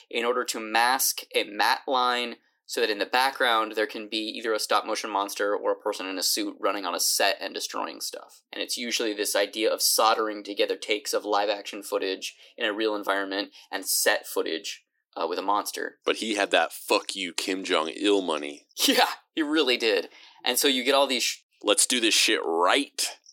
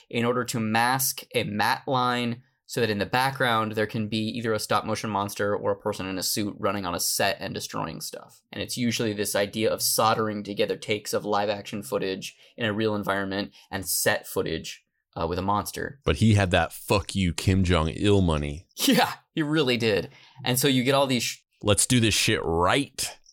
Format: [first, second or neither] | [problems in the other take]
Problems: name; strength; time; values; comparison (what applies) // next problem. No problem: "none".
second | thin; somewhat; fading below 300 Hz